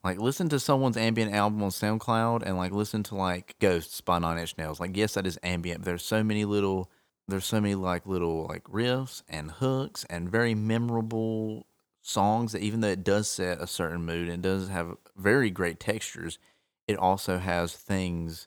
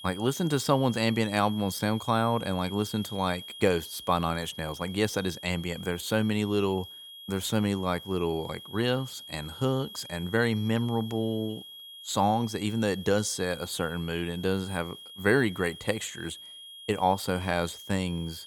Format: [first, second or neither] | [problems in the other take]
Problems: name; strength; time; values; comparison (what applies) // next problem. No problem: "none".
first | high-pitched whine; noticeable; throughout; 3.5 kHz, 15 dB below the speech